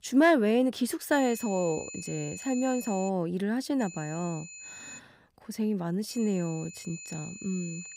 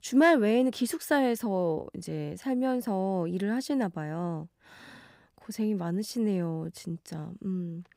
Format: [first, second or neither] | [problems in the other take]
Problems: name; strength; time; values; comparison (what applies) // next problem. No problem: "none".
second | high-pitched whine; noticeable; from 1 to 3 s, from 4 to 5 s and from 6 s on; 7 kHz, 15 dB below the speech